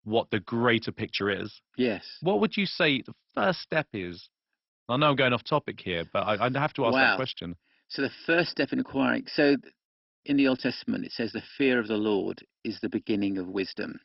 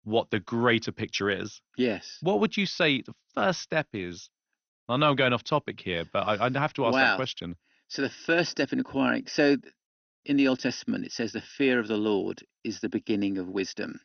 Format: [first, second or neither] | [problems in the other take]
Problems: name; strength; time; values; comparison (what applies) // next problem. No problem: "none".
second | garbled, watery; badly; nothing above 5.5 kHz; slightly in the second